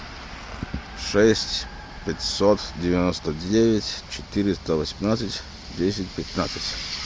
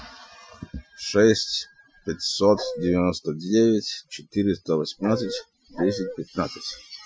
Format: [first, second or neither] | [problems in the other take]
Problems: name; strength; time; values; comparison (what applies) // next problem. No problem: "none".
first | noise reduction (classical method Wiener filter)